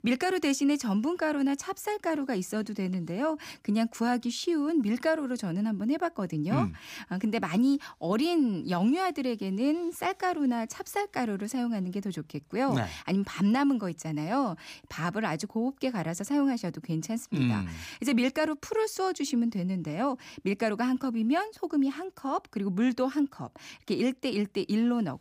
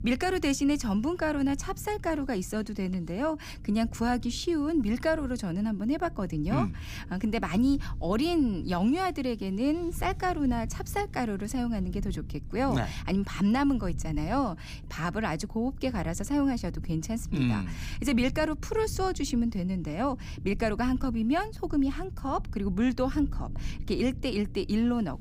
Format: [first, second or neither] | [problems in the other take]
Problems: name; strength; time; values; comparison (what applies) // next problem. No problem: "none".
first | low rumble; faint; throughout; 20 dB below the speech